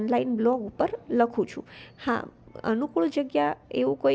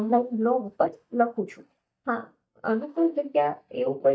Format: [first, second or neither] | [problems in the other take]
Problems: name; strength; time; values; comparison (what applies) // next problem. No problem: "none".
first | noise reduction (neural mask model DeepFilterNet 3)